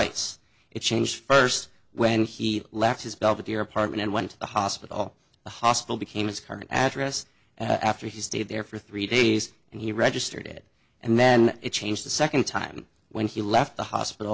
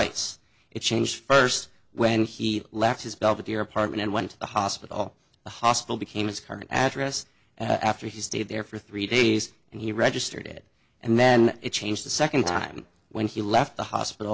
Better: first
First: none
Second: background sound (Brass instrument); 11 dB below the speech

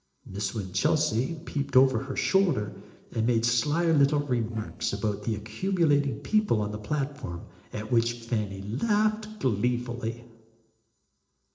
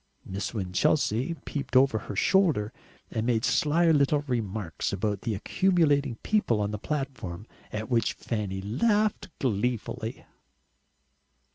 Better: second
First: noise reduction (neural separator model SepFormer DNS4)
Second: none

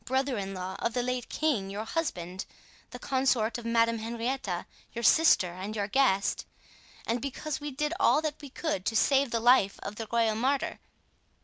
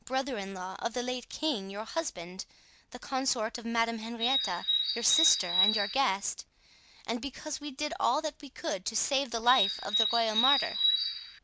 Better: first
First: none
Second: background sound (Bird); 3 dB above the speech

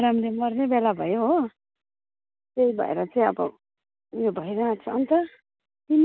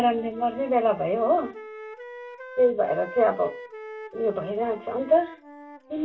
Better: first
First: none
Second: background sound (Wind instrument, woodwind instrument); 15 dB below the speech // room echo; dies away in 0.2 s

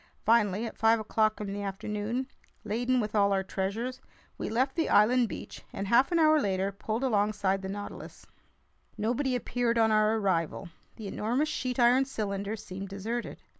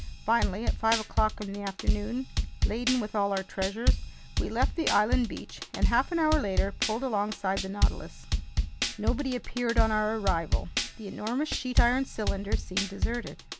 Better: first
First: none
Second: background sound (Drum kit); 1 dB above the speech

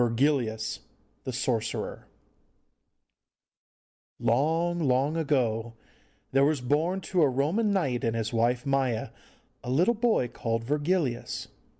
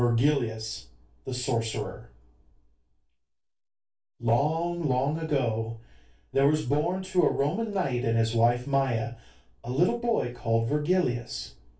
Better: first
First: none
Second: room echo; dies away in 0.2 s

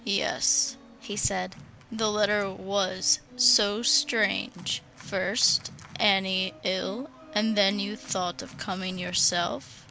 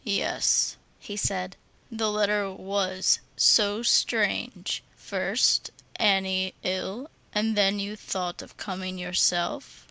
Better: second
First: background sound (Organ); 19 dB below the speech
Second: none

